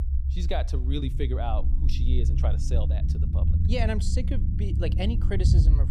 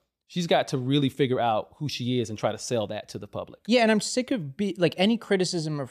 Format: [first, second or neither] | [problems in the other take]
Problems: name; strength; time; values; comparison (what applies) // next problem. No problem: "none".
second | low rumble; loud; throughout; 6 dB below the speech